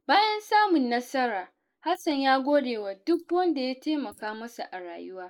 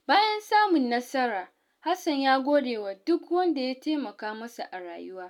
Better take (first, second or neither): second